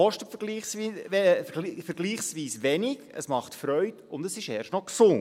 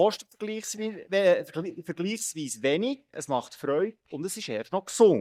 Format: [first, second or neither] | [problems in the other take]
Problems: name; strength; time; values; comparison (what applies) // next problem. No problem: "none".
first | noise reduction (neural mask model DeepFilterNet 3)